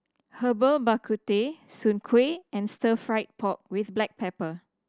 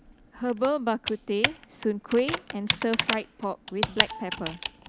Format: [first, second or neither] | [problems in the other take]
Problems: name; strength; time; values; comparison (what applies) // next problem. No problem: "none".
first | background sound (Computer keyboard); 3 dB below the speech